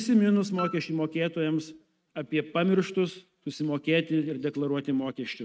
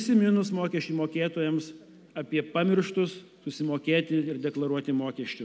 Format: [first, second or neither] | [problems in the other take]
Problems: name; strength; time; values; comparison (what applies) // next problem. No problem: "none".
second | noise reduction (neural mask model RNNoise)